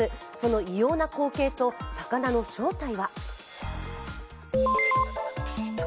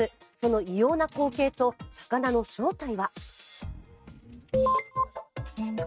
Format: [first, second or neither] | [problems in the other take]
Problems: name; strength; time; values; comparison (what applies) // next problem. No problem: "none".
first | noise reduction (neural mask model RNNoise)